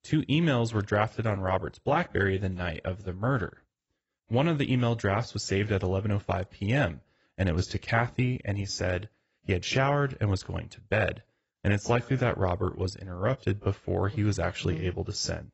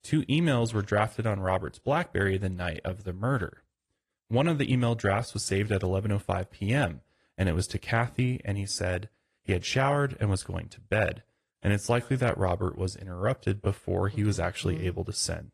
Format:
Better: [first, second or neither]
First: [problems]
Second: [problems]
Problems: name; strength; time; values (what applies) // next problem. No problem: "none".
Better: second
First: garbled, watery; badly; nothing above 7.5 kHz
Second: garbled, watery; slightly